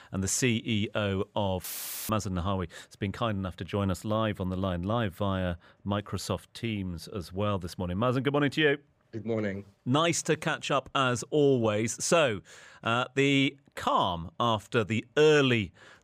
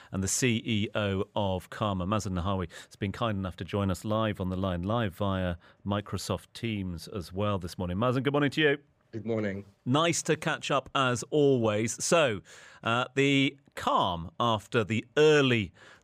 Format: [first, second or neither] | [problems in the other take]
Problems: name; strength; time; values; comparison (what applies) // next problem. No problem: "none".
second | audio cutting out; filled with static; at 1.5 s